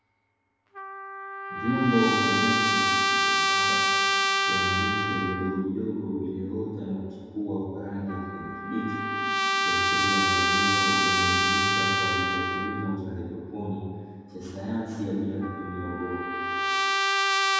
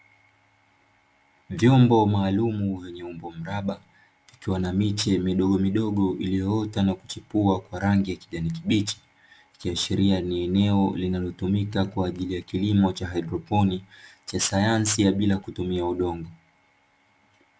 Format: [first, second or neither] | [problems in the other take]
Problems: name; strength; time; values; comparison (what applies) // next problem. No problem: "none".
second | background sound (Trumpet); 5 dB above the speech // room echo; dies away in 2.2 s